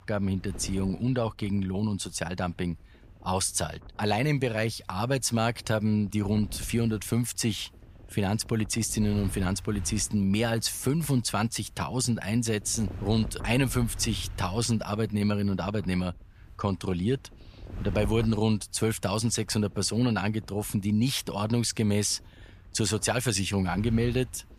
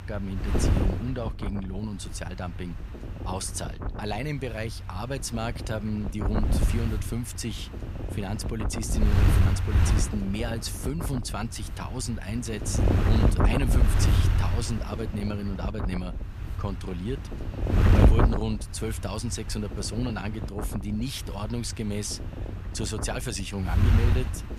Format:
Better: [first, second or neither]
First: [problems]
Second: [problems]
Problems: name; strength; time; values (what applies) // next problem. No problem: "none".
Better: first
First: wind noise on the microphone; occasional gusts; 20 dB below the speech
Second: wind noise on the microphone; heavy; 1 dB below the speech